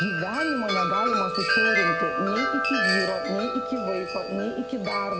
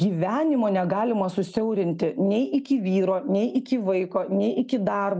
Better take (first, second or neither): second